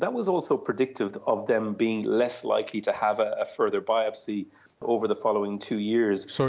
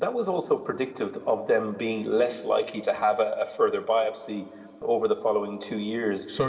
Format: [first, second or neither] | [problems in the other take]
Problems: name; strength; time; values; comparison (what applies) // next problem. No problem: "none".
first | room echo; dies away in 1.8 s